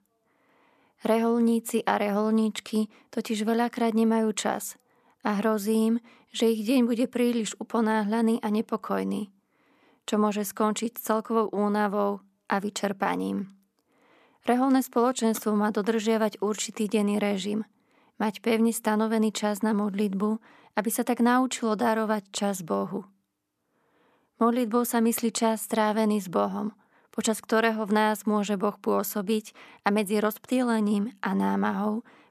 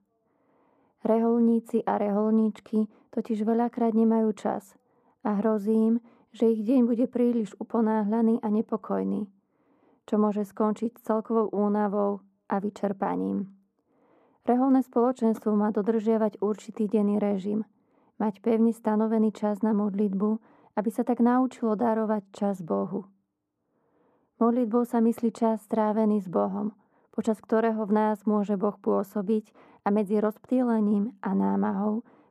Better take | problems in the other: first | muffled; very; fading above 1.5 kHz

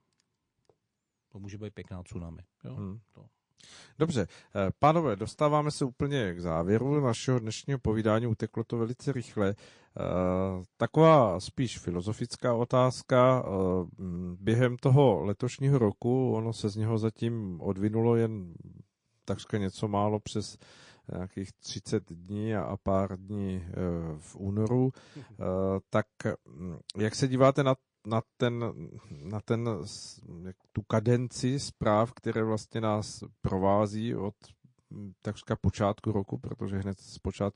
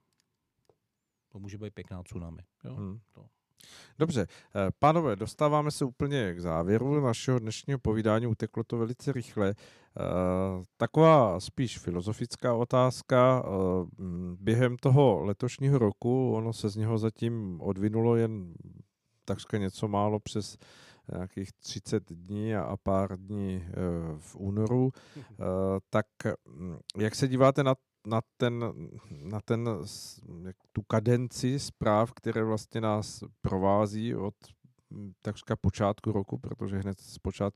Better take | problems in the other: second | garbled, watery; slightly; nothing above 8 kHz

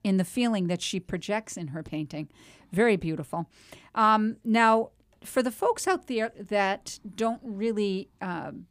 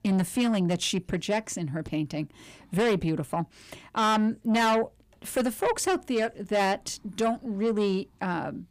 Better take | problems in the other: first | distortion; heavy; 8 dB below the speech

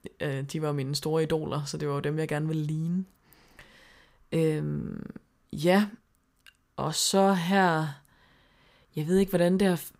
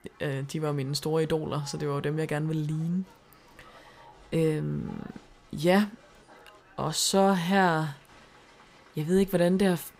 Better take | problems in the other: first | crowd noise; faint; throughout; 25 dB below the speech

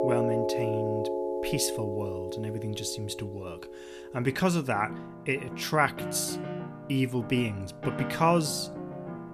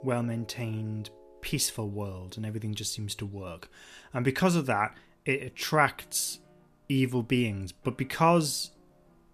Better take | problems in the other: second | background music; loud; throughout; 5 dB below the speech; faint in the second

